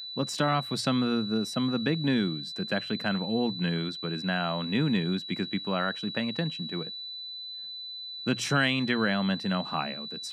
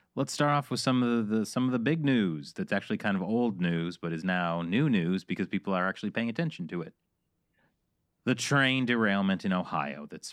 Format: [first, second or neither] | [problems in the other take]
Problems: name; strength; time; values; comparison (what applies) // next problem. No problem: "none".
second | high-pitched whine; loud; throughout; 4 kHz, 7 dB below the speech